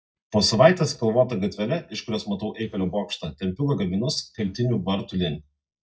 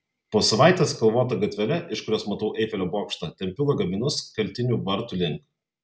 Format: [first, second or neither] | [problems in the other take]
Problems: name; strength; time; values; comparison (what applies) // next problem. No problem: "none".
second | noise reduction (neural mask model DeepFilterNet 3)